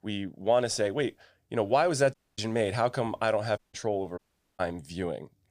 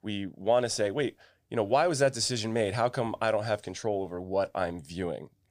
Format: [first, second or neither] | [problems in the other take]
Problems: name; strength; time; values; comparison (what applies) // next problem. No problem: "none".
second | audio cutting out; at 2 s, at 3.5 s and at 4 s